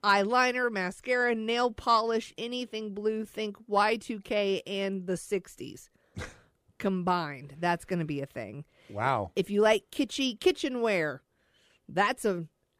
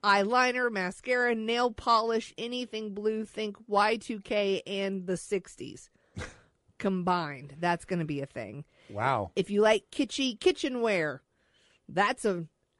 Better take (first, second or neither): first